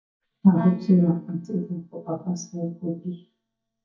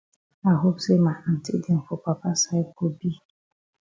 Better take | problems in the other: second | noise reduction (neural mask model DeepFilterNet 3)

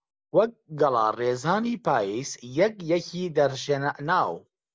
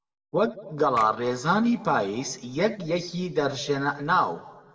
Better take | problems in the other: first | noise reduction (neural separator model SepFormer DNS4)

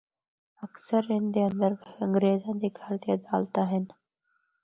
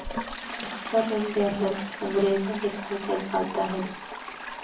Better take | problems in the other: first | background sound (Toilet flush); 8 dB below the speech // room echo; dies away in 0.3 s

